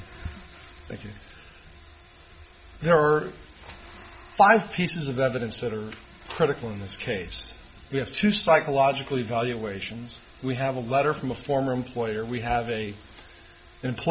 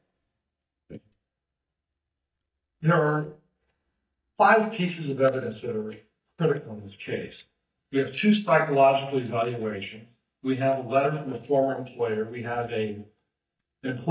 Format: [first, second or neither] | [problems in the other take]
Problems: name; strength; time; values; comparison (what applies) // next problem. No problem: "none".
first | noise reduction (neural mask model DeepFilterNet 3)